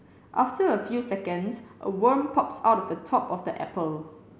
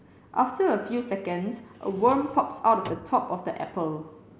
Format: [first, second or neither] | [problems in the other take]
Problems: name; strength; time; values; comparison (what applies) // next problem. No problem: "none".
first | background sound (Drawer open or close); 17 dB below the speech